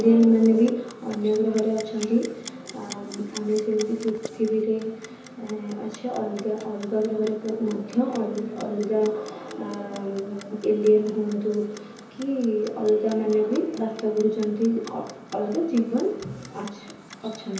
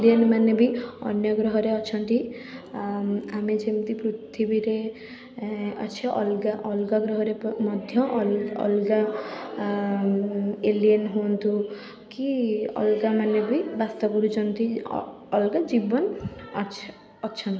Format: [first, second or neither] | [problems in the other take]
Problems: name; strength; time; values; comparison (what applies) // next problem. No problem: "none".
second | background sound (Clock); 19 dB below the speech // room echo; dies away in 0.7 s